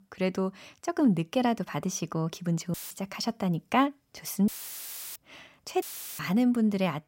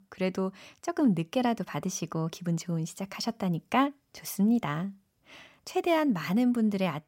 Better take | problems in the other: second | audio cutting out; filled with static; at 2.5 s, at 4.5 s for 0.5 s and at 6 s

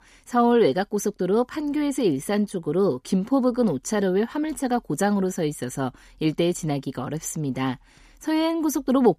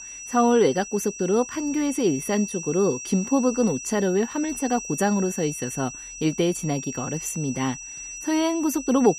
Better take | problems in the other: first | high-pitched whine; loud; throughout; 6 kHz, 10 dB below the speech

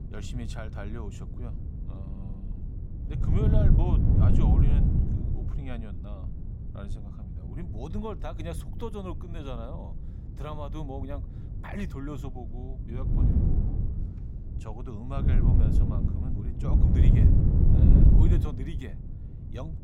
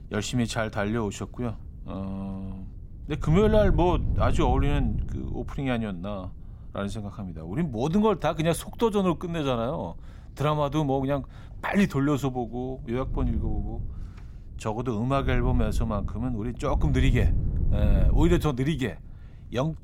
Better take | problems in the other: second | wind noise on the microphone; heavy; 5 dB above the speech; occasional gusts in the second

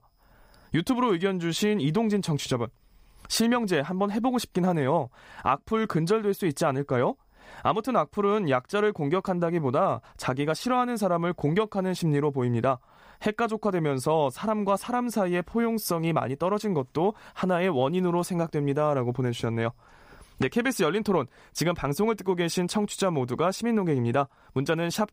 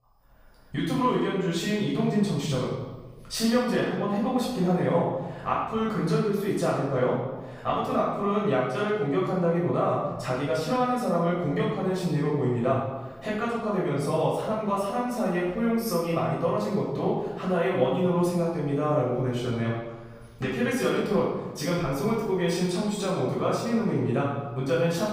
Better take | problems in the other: first | off-mic speech; far // room echo; noticeable; dies away in 1 s

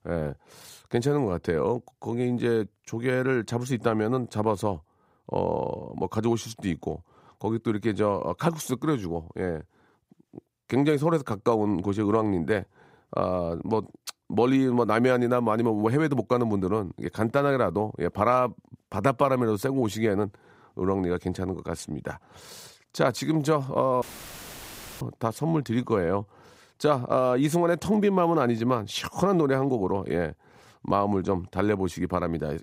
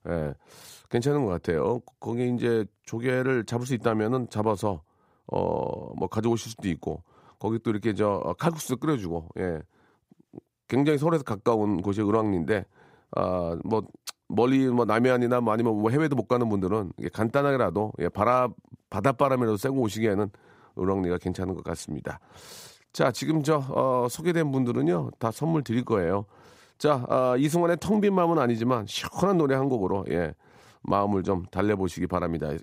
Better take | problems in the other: second | audio cutting out; filled with static; at 24 s for 1 s

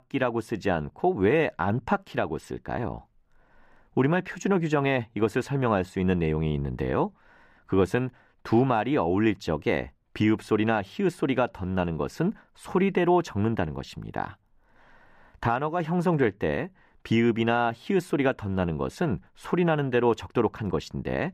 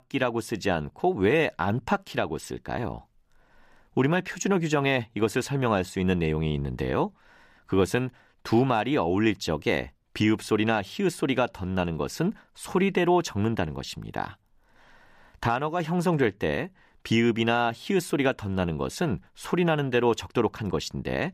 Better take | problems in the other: second | muffled; slightly; fading above 3 kHz

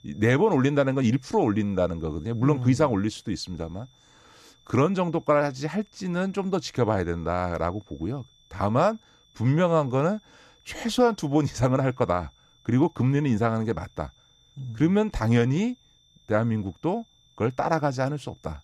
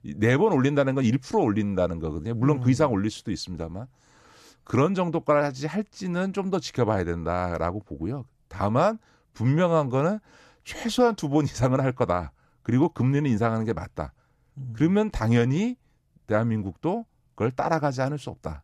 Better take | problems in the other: second | high-pitched whine; faint; throughout; 3.5 kHz, 35 dB below the speech

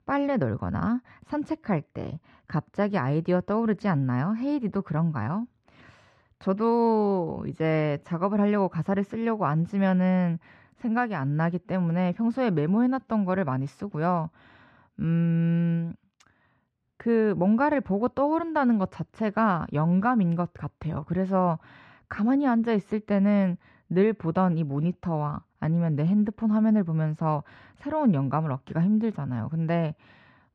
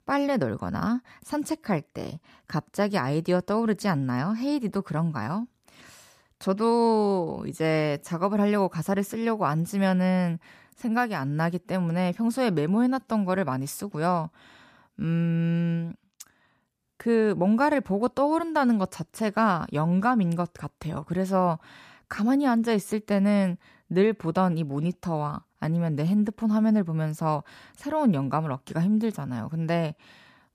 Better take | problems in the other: second | muffled; slightly; fading above 2.5 kHz

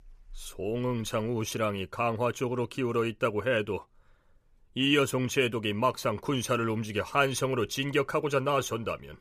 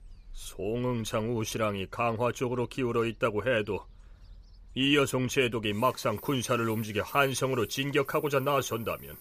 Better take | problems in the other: first | animal sounds; faint; throughout; 20 dB below the speech

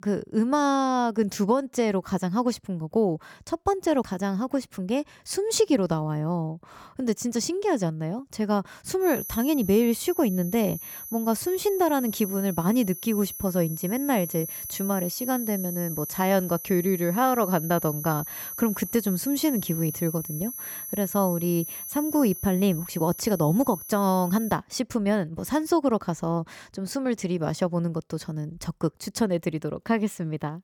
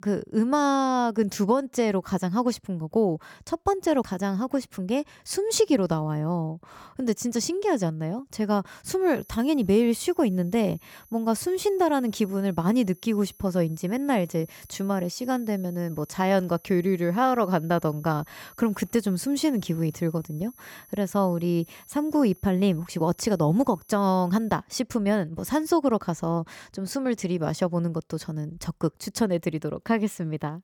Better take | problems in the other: second | high-pitched whine; loud; from 9 to 25 s; 12 kHz, 8 dB below the speech; faint in the second

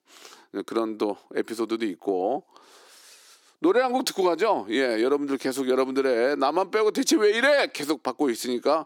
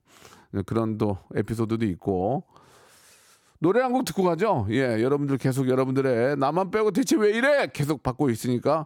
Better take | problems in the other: second | thin; very slightly; fading below 300 Hz

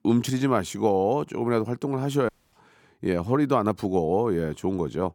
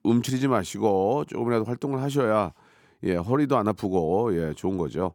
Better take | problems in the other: second | audio cutting out; at 2.5 s

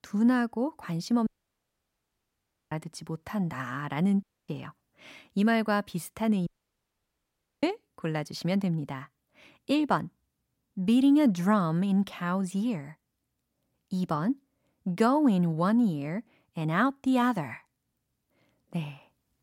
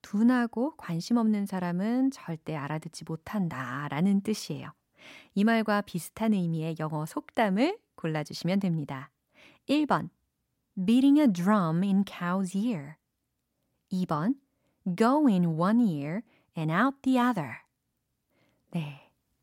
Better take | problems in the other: second | audio cutting out; at 1.5 s for 1.5 s, at 4 s and at 6.5 s for 1 s

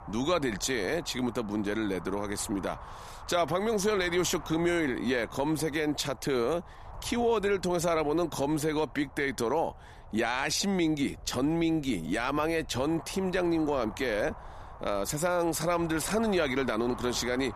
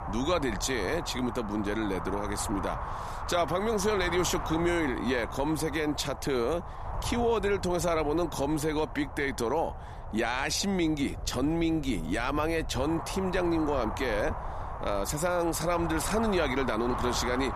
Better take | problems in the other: first | wind noise on the microphone; heavy; 7 dB below the speech; occasional gusts in the first

